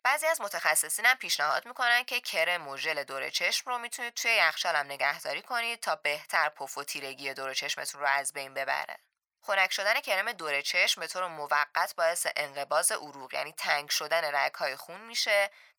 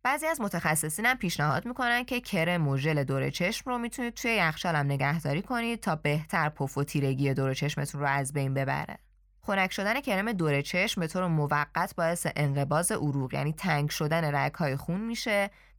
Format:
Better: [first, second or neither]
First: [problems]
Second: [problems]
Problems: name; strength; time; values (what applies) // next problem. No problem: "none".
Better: second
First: thin; very; fading below 1 kHz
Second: none